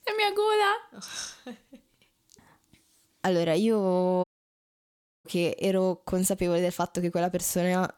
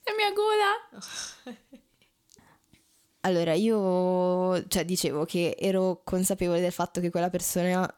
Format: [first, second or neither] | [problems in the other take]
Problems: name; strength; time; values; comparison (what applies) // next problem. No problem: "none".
second | audio cutting out; at 4 s for 1 s